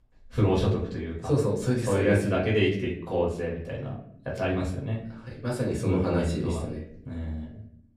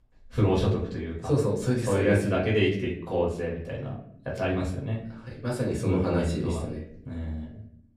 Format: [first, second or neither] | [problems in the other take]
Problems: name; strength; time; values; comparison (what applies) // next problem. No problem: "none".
neither | off-mic speech; far; the same in both // room echo; slight; dies away in 0.6 s; the same in both